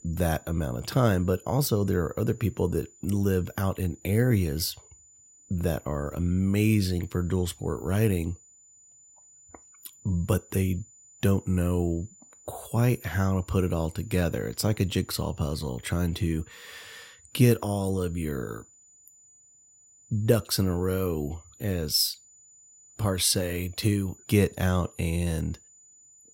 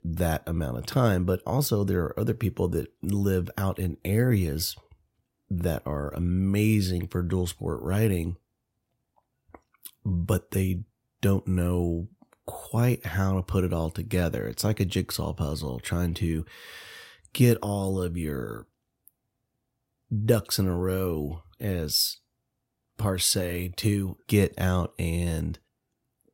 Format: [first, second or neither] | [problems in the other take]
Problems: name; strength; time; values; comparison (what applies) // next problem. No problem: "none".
second | high-pitched whine; faint; throughout; 7 kHz, 25 dB below the speech